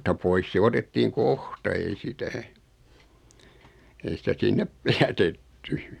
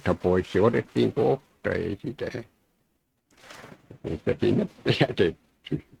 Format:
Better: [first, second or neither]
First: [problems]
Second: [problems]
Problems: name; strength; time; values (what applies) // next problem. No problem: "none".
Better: first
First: none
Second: noise reduction (neural mask model RNNoise)